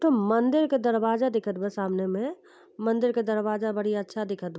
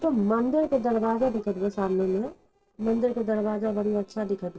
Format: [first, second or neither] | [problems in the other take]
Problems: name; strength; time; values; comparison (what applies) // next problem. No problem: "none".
first | noise reduction (neural separator model SepFormer DNS4)